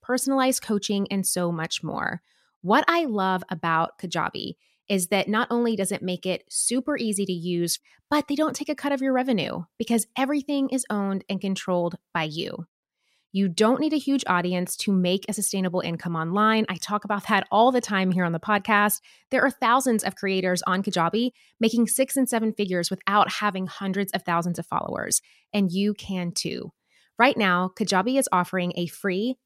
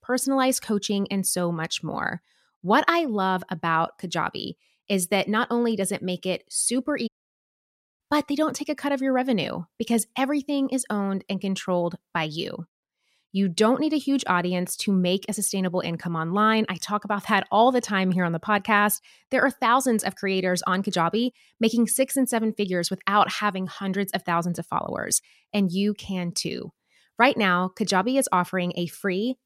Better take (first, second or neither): first